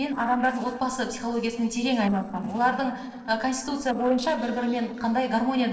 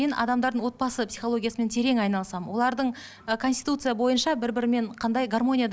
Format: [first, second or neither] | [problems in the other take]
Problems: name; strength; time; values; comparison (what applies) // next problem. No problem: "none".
second | noise reduction (neural separator model SepFormer DNS4)